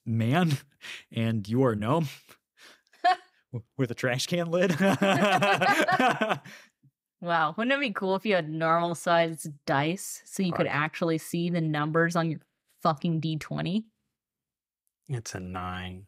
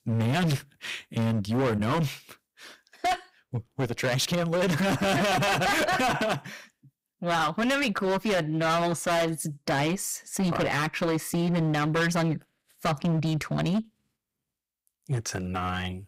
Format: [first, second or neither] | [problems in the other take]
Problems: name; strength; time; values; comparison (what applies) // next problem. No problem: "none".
first | distortion; heavy; 20% of the sound clipped